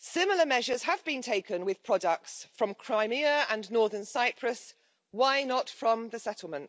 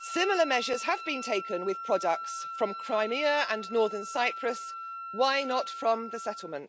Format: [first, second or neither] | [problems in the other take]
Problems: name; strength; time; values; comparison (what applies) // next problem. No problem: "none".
first | background sound (Wind instrument, woodwind instrument); 9 dB below the speech